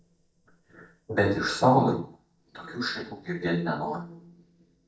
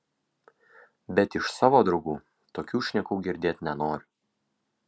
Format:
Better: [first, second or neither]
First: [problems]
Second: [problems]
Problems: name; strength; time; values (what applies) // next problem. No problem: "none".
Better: second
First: noise reduction (neural mask model DeepFilterNet 3)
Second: none